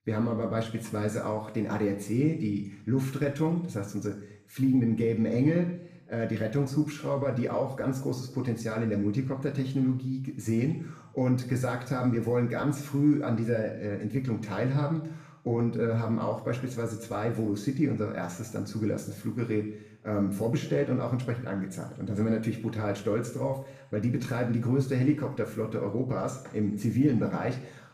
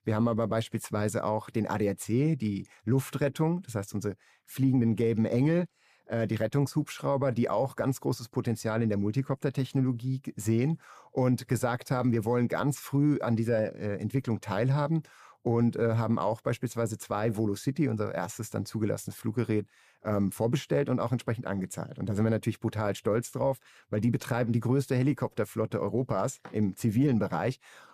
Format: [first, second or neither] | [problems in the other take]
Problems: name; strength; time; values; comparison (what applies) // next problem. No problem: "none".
second | room echo; slight; dies away in 0.7 s // off-mic speech; far